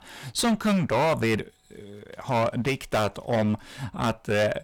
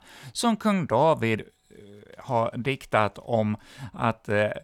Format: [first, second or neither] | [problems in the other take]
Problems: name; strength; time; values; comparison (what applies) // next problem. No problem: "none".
second | distortion; heavy; 13% of the sound clipped